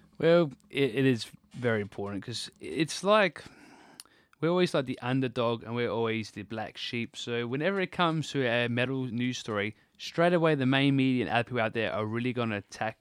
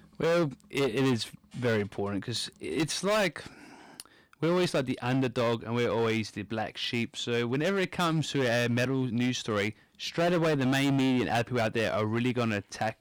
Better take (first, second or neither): first